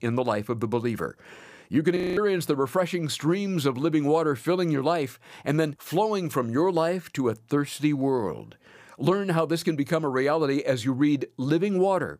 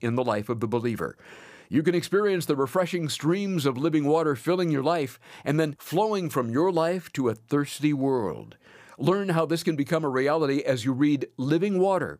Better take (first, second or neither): second